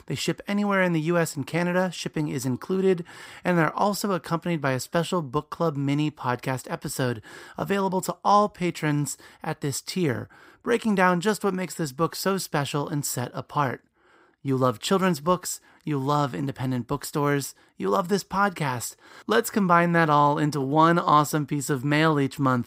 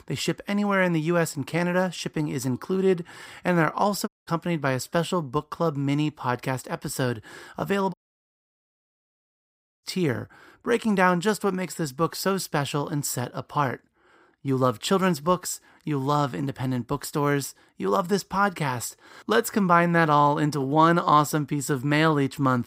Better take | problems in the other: first | audio cutting out; at 4 s and at 8 s for 2 s

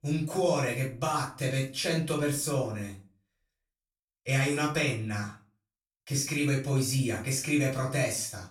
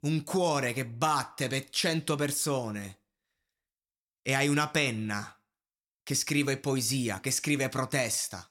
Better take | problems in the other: second | off-mic speech; far // room echo; slight; dies away in 0.3 s

